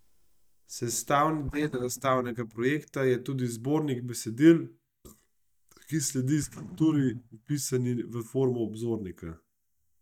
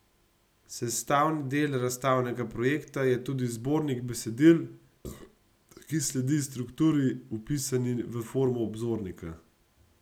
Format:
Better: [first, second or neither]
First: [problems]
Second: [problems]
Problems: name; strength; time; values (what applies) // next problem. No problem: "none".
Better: second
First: noise reduction (neural mask model DeepFilterNet 3)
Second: none